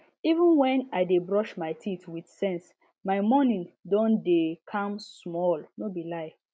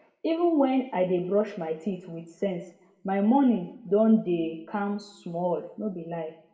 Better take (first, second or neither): first